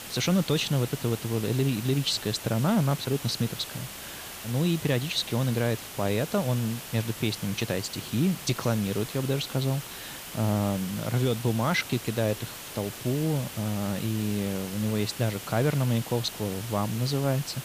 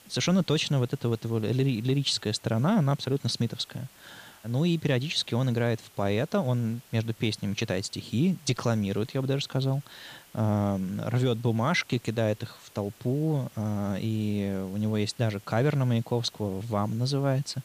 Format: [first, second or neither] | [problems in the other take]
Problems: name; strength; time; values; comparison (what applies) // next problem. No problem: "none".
second | hiss; loud; throughout; 10 dB below the speech; faint in the second